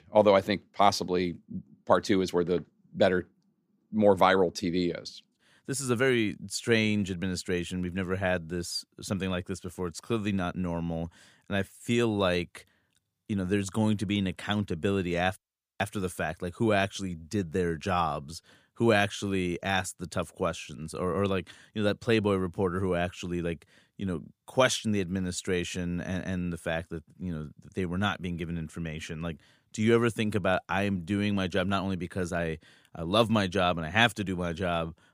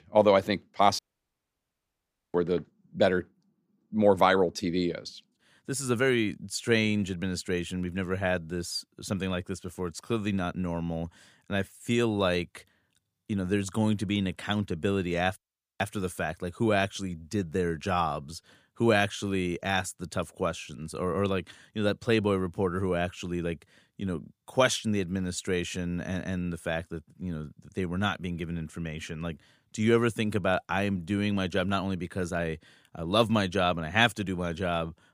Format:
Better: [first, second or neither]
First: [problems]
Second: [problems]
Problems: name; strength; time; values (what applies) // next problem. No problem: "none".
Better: first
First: none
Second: audio cutting out; at 1 s for 1.5 s